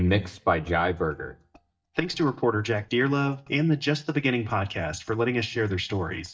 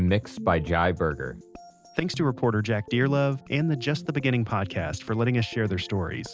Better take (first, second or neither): second